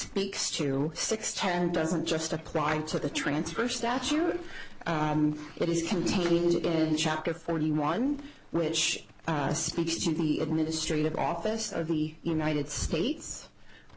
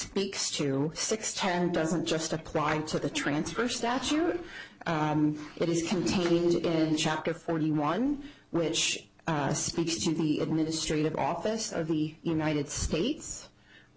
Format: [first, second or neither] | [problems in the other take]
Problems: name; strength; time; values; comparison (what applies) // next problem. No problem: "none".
second | background sound (Livestock, farm animals, working animals); 19 dB below the speech